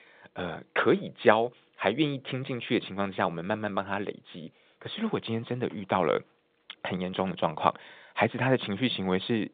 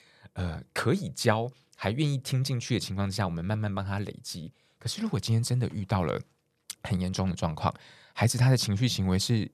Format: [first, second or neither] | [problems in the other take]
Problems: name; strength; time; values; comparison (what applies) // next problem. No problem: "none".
second | phone-call audio; nothing above 3.5 kHz